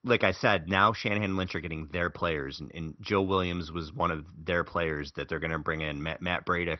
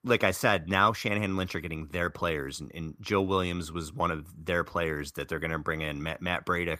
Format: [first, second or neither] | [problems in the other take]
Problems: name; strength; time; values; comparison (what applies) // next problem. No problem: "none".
second | garbled, watery; slightly; nothing above 6 kHz